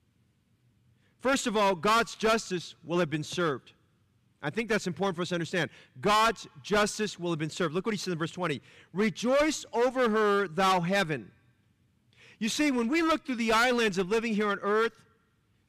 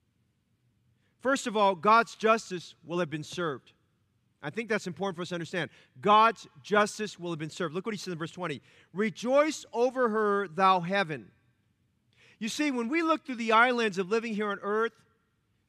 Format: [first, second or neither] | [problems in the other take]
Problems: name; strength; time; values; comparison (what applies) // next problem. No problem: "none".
second | distortion; heavy; 10% of the sound clipped